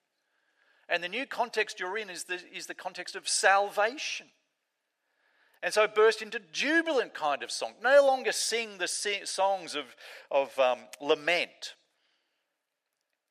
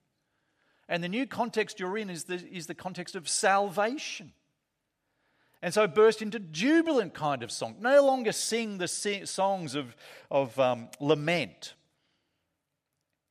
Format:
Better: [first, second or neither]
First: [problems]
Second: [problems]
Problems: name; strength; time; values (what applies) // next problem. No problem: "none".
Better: second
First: thin; somewhat; fading below 500 Hz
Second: none